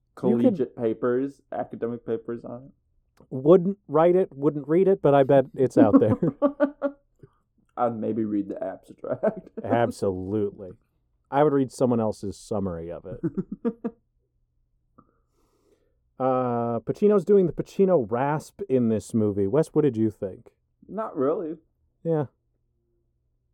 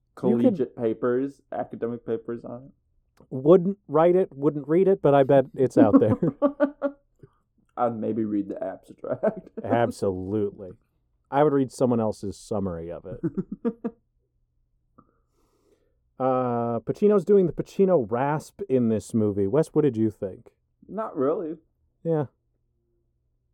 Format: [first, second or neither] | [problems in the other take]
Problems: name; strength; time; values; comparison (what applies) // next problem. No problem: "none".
neither | muffled; very; fading above 1 kHz; the same in both